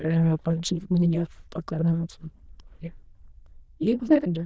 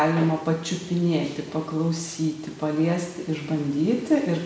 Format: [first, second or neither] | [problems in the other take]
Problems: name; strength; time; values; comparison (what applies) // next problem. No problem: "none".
second | noise reduction (neural diffusion model UNIVERSE++)